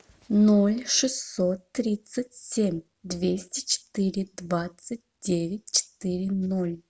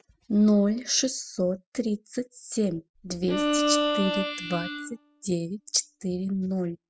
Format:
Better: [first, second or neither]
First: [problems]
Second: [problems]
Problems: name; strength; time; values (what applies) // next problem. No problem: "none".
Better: first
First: none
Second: noise reduction (classical method spectral subtraction)